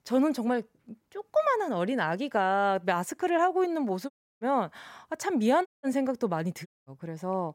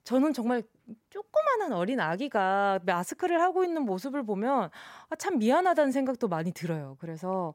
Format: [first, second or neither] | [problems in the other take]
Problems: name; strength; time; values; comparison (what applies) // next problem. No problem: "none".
second | audio cutting out; at 4 s, at 5.5 s and at 6.5 s